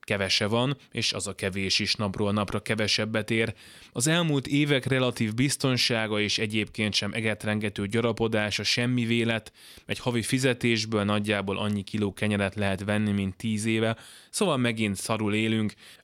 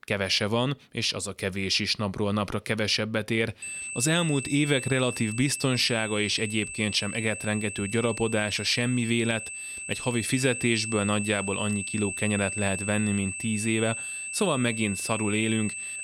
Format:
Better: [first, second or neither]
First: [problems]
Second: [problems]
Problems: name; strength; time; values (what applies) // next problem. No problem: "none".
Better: first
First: none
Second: high-pitched whine; loud; from 3.5 s on; 2.5 kHz, 6 dB below the speech